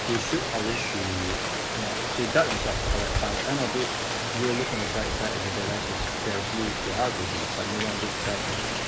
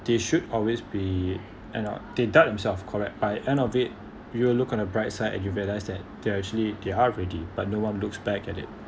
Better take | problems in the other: second | background sound (Rain); 2 dB above the speech

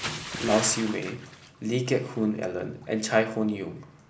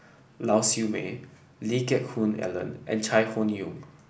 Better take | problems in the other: second | background sound (Bathtub (filling or washing) / Splash, splatter); 12 dB below the speech

